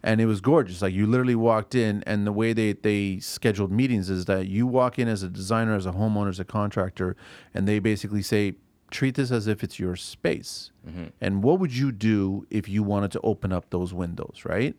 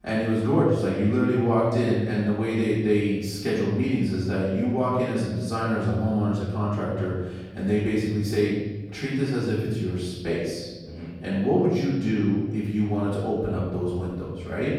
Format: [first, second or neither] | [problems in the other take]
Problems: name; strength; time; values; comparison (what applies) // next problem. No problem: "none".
first | off-mic speech; far // room echo; noticeable; dies away in 1.2 s